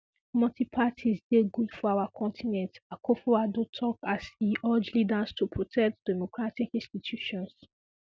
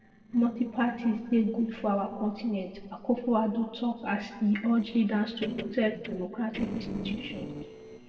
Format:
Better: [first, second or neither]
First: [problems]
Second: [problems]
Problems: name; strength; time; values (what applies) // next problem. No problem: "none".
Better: first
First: none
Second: noise reduction (neural separator model SepFormer DNS4)